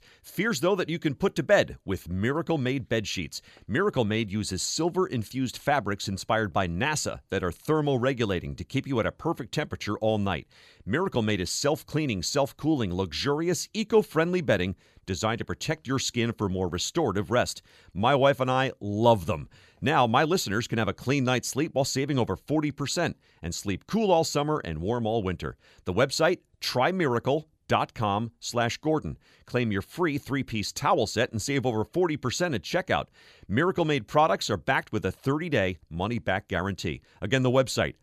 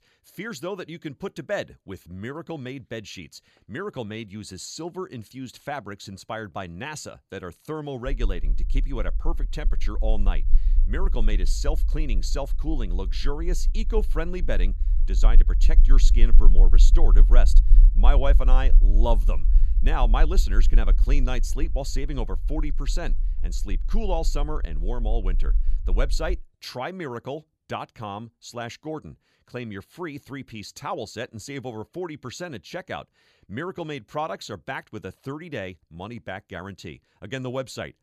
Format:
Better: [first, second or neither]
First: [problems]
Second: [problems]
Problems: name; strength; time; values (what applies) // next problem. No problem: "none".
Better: first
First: none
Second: low rumble; noticeable; from 8 to 26 s; 15 dB below the speech